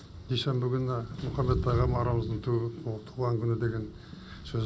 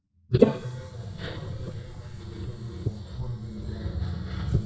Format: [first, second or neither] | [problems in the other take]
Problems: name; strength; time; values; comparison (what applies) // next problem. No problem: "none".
first | noise reduction (neural mask model DeepFilterNet 3)